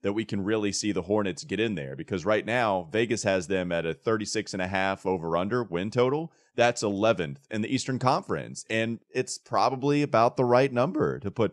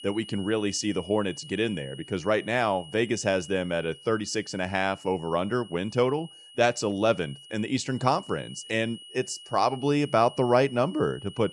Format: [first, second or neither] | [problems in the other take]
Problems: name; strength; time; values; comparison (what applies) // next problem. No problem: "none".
first | high-pitched whine; noticeable; throughout; 3 kHz, 20 dB below the speech